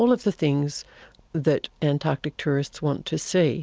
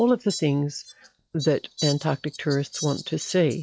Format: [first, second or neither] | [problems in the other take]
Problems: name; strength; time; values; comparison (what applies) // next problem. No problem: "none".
first | noise reduction (classical method log-MMSE)